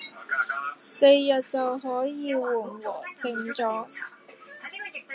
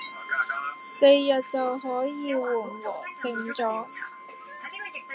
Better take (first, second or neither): first